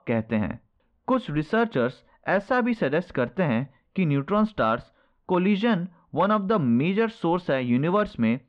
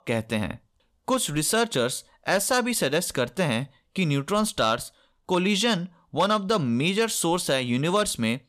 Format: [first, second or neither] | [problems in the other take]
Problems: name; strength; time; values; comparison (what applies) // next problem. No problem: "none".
second | muffled; very; fading above 2 kHz